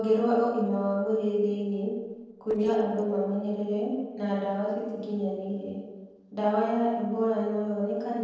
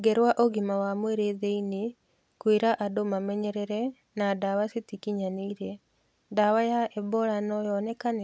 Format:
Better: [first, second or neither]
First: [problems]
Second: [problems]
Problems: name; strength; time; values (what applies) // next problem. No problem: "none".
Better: second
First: noise reduction (neural separator model SepFormer DNS4)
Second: none